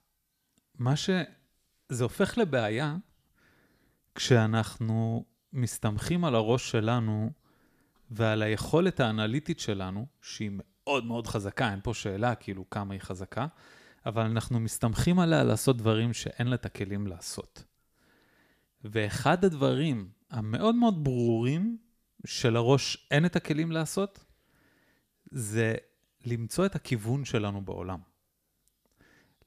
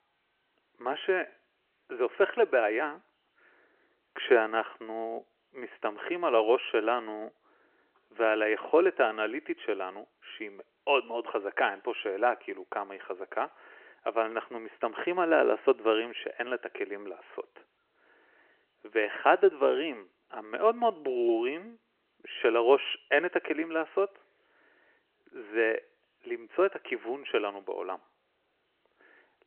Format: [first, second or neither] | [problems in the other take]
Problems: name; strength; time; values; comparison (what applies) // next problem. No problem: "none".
first | phone-call audio